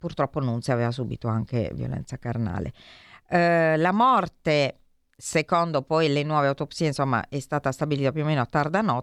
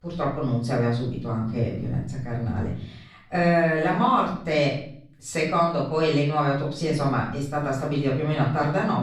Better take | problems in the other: first | off-mic speech; far // room echo; noticeable; dies away in 0.6 s

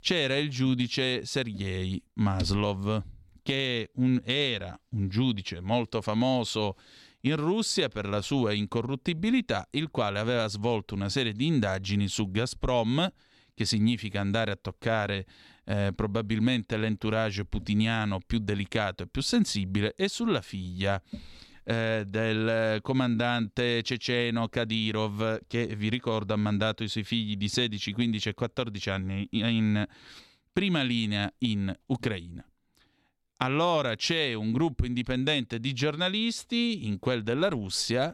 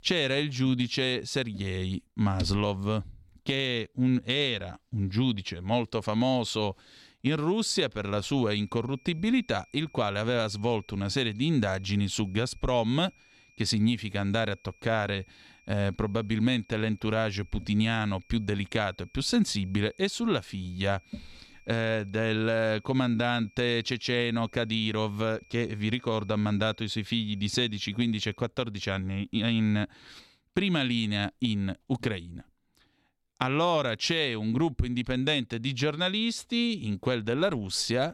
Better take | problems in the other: first | high-pitched whine; faint; from 8.5 to 28 s; 2.5 kHz, 30 dB below the speech

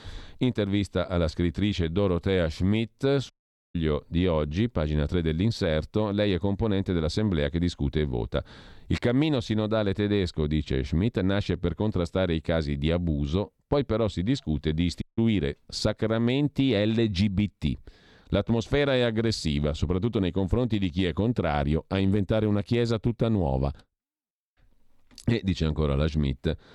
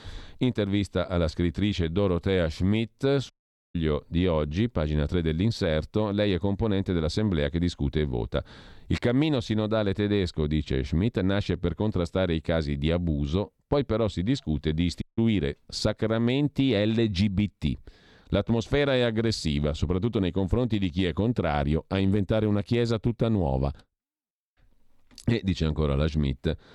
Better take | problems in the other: neither | audio cutting out; at 3.5 s and at 15 s; the same in both

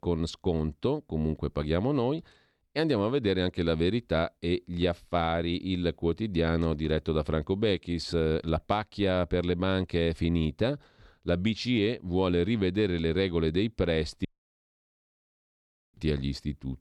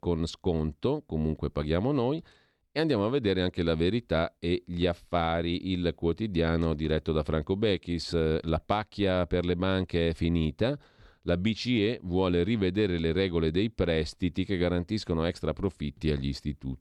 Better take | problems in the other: second | audio cutting out; at 14 s for 1.5 s

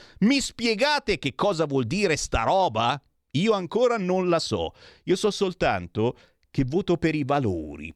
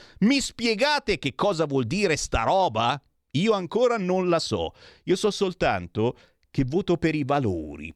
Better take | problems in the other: neither | none

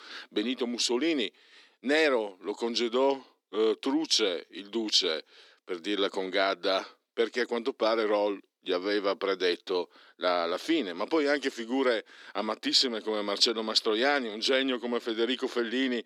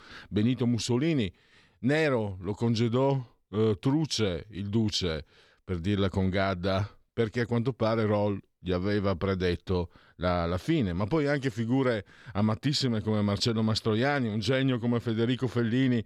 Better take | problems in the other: second | thin; somewhat; fading below 300 Hz

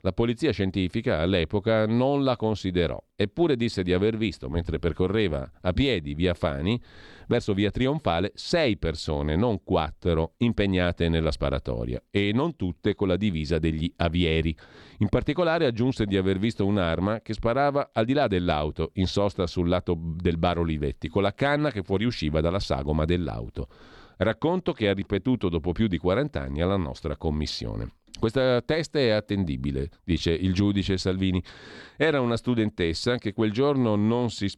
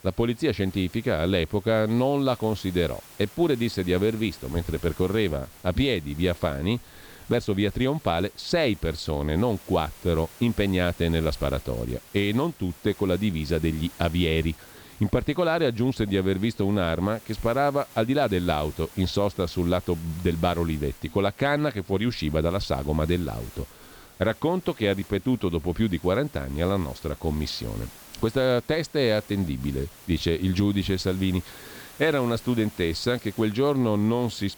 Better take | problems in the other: first | hiss; faint; throughout; 20 dB below the speech

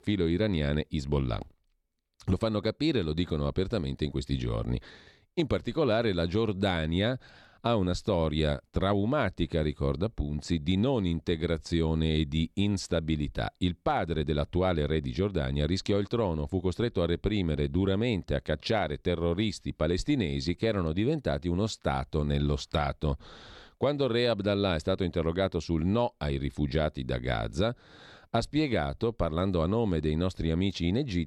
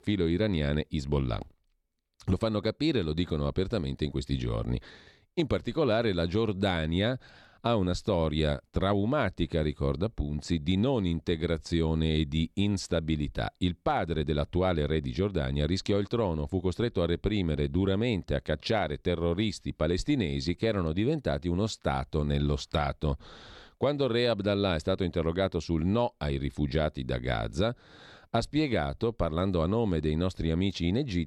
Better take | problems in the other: neither | none

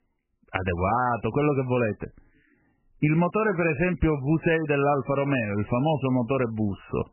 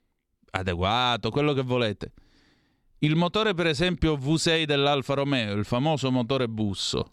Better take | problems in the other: second | garbled, watery; badly; nothing above 2.5 kHz

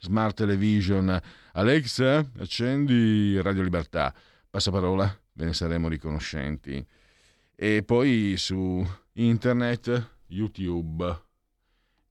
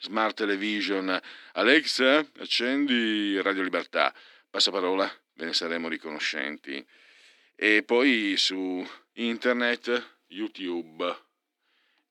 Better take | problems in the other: first | thin; somewhat; fading below 250 Hz

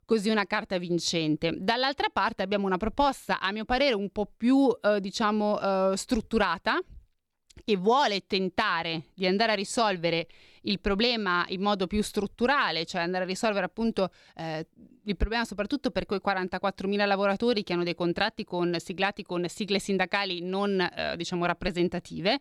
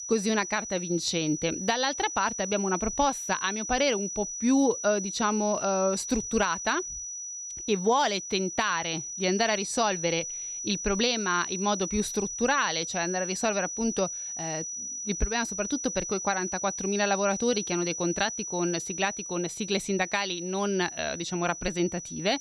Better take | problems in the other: first | high-pitched whine; loud; throughout; 6 kHz, 5 dB below the speech

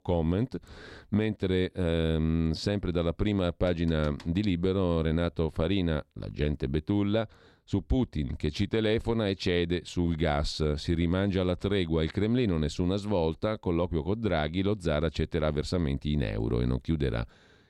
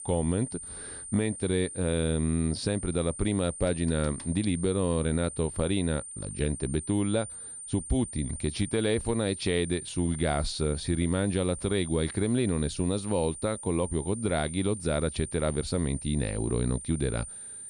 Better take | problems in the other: first | high-pitched whine; loud; throughout; 9 kHz, 10 dB below the speech

